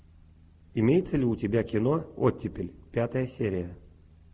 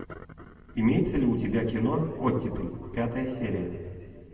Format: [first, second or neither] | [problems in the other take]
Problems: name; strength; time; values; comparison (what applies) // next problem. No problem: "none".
first | room echo; dies away in 2 s